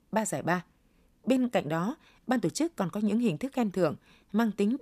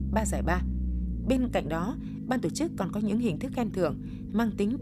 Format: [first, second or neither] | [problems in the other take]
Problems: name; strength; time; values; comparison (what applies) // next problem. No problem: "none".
first | low rumble; noticeable; throughout; 10 dB below the speech